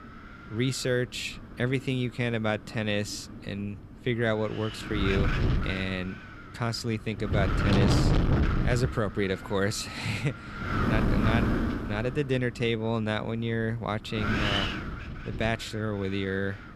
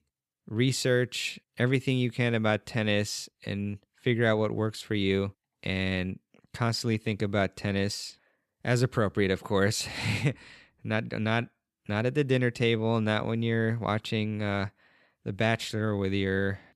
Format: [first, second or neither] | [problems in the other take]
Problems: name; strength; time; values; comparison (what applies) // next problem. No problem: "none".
second | wind noise on the microphone; heavy; 2 dB below the speech